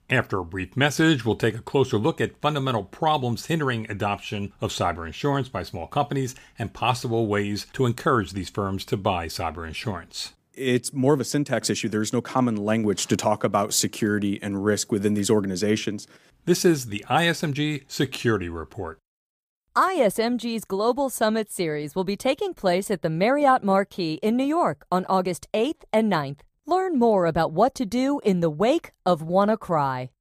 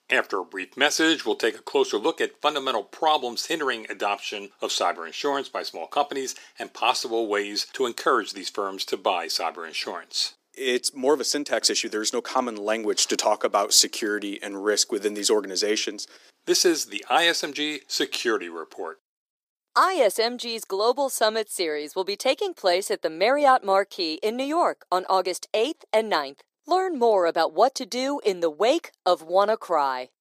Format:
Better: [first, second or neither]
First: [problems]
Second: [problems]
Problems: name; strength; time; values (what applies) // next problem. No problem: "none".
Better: first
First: none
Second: thin; somewhat; fading below 350 Hz